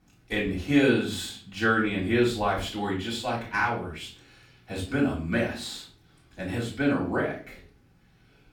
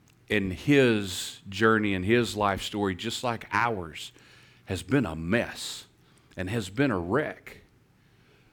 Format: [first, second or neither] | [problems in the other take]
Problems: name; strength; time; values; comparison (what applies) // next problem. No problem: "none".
second | off-mic speech; far // room echo; slight; dies away in 0.3 s